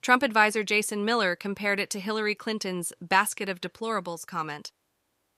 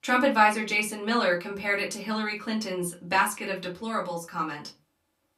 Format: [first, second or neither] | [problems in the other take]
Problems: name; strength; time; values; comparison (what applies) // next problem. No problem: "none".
first | off-mic speech; far // room echo; very slight; dies away in 0.3 s